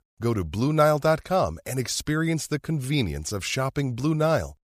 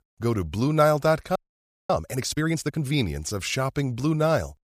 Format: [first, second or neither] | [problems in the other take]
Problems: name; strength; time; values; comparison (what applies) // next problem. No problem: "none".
first | audio freezing; at 1.5 s for 0.5 s